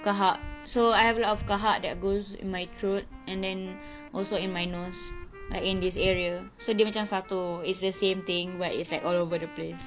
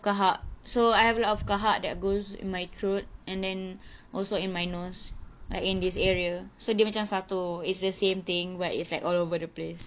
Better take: second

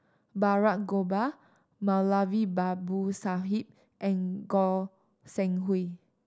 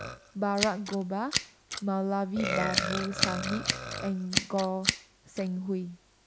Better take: first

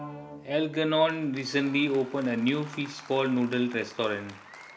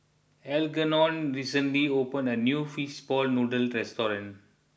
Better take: second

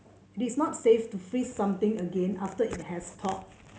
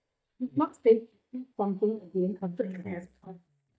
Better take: first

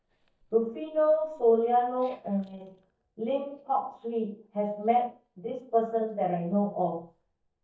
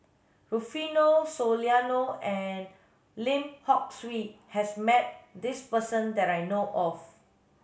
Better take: second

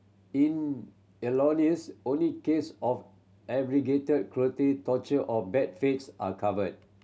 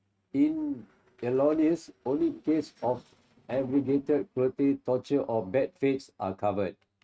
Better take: first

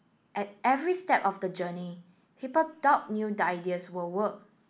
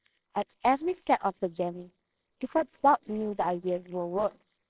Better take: first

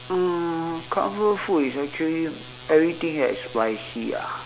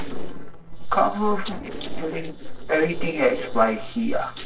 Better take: first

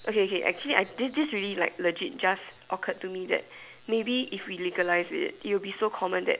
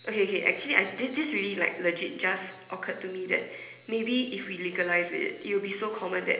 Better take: first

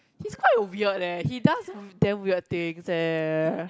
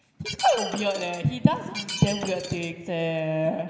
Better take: first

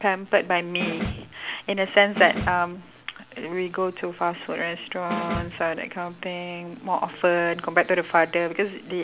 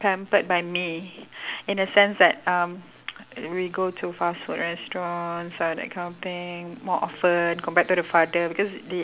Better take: second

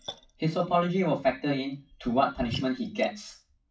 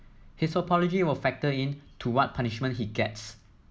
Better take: second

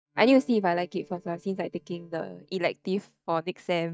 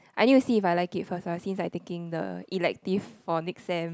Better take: second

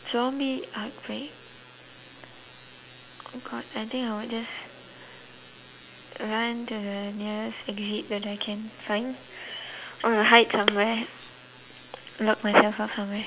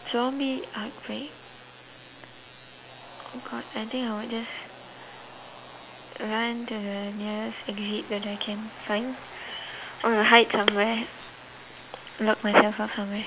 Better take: first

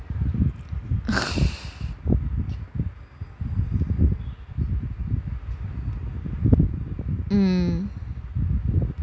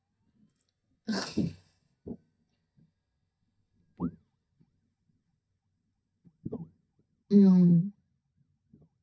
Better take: first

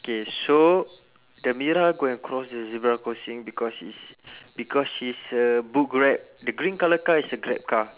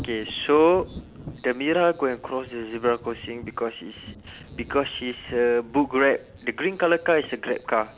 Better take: first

